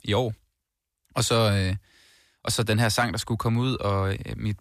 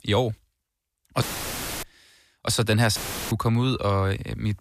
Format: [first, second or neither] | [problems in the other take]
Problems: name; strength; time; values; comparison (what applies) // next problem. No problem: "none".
first | audio cutting out; filled with static; at 1 s for 0.5 s and at 3 s